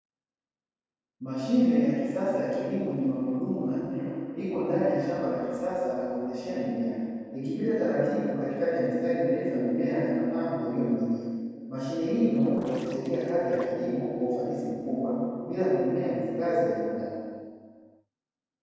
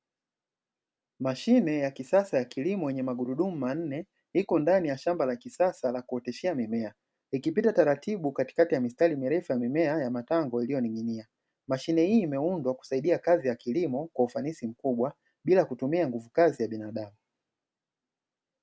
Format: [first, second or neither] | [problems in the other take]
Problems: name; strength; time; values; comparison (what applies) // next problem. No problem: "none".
second | noise reduction (neural separator model SepFormer DNS4)